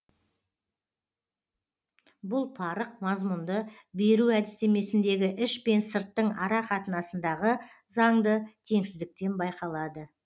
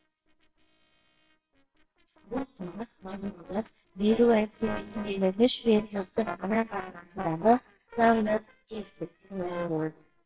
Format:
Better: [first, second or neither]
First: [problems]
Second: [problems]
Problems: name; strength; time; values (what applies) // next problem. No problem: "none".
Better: first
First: none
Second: noise reduction (neural separator model SepFormer WHAMR!)